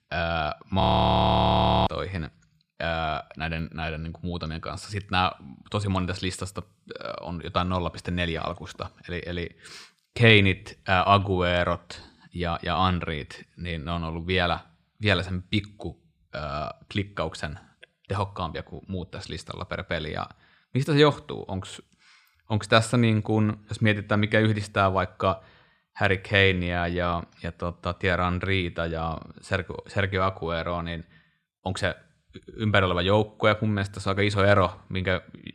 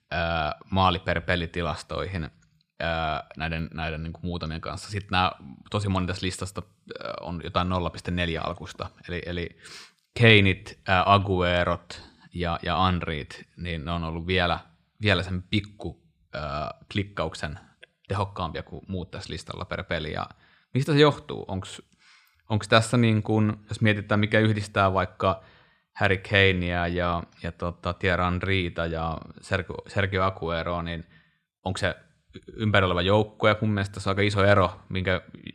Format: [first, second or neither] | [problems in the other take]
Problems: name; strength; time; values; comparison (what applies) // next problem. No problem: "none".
second | audio freezing; at 1 s for 1 s